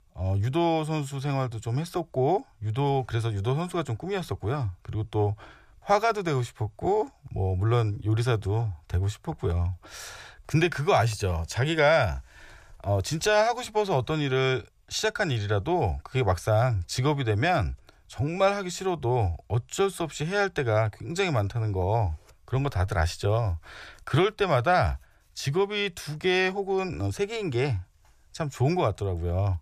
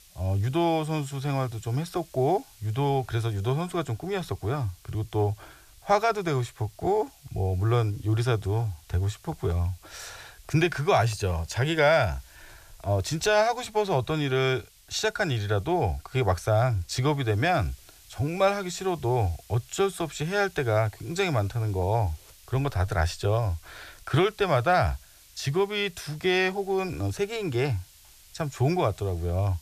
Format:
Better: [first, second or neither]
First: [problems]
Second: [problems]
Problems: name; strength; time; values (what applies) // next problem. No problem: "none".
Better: first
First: none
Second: hiss; faint; throughout; 25 dB below the speech